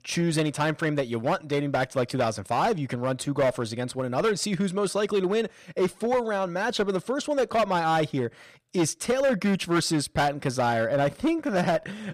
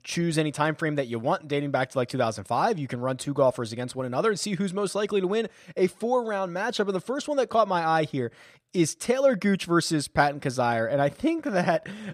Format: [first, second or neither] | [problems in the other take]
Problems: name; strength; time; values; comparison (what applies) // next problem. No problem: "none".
second | distortion; slight; 8% of the sound clipped